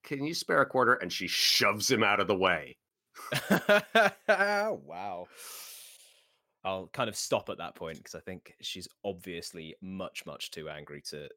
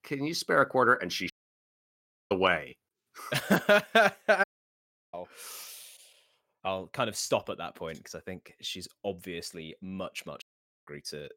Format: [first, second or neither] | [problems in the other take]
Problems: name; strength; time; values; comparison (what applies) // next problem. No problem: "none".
first | audio cutting out; at 1.5 s for 1 s, at 4.5 s for 0.5 s and at 10 s